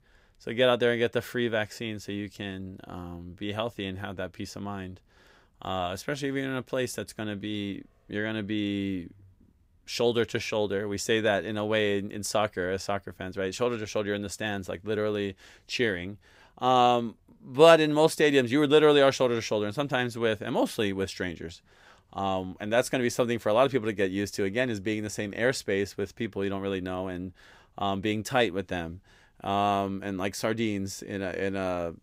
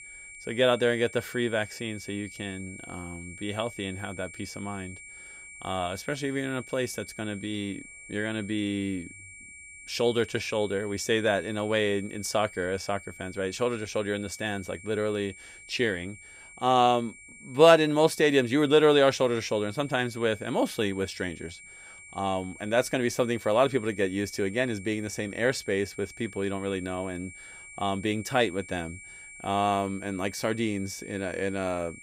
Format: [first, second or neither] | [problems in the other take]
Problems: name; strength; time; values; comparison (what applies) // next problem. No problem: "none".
first | high-pitched whine; noticeable; throughout; 2.5 kHz, 15 dB below the speech